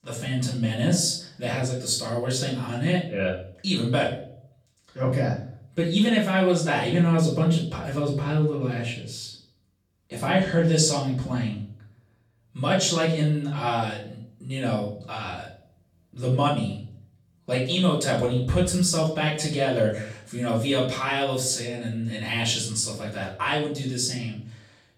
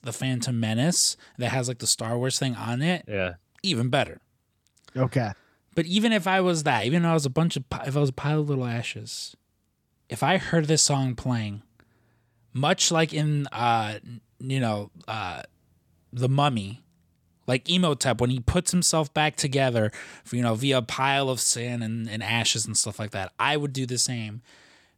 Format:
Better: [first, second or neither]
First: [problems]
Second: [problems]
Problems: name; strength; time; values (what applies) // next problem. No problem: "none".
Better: second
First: off-mic speech; far // room echo; noticeable; dies away in 0.5 s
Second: none